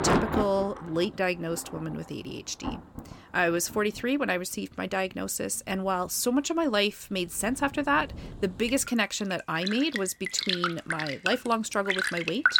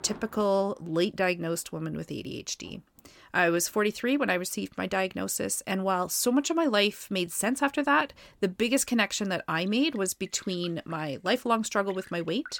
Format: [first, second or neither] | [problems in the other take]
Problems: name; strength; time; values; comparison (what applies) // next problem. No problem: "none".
second | rain or running water; loud; throughout; 4 dB below the speech; faint in the second